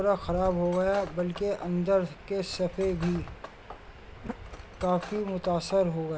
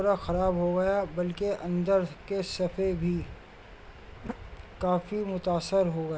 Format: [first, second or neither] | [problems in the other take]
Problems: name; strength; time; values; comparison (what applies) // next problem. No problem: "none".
second | background sound (Cutlery, silverware); 19 dB below the speech